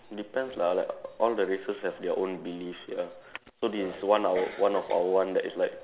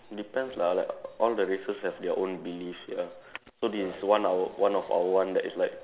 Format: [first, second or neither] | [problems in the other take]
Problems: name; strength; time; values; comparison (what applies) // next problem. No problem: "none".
second | background sound (Cough); 11 dB below the speech